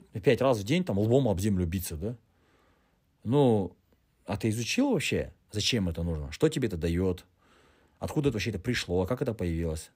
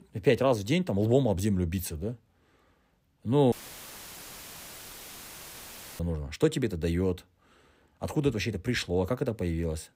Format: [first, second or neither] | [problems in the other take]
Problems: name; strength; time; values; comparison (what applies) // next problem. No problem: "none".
first | audio cutting out; filled with static; at 3.5 s for 2.5 s